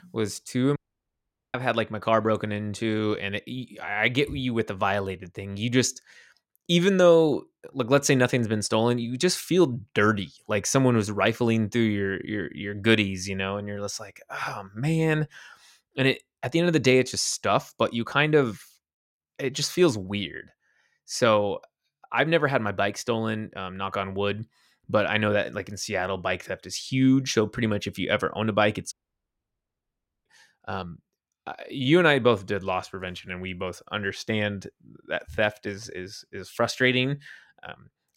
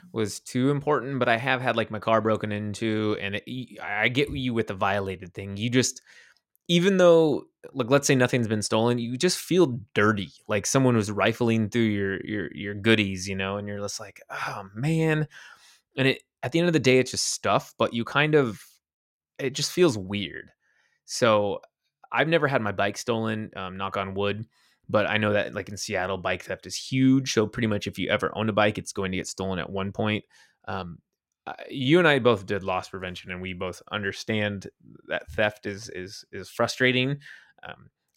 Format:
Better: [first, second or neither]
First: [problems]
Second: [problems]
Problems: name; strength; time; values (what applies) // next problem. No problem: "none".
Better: second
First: audio cutting out; at 1 s for 1 s and at 29 s for 1.5 s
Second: none